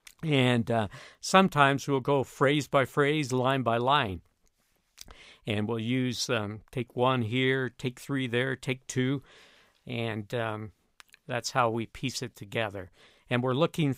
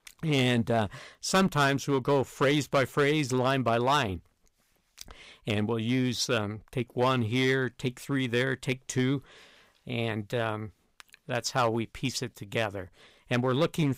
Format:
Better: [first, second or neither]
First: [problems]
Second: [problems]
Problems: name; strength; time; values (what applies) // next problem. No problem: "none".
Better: first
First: none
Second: distortion; slight; 4% of the sound clipped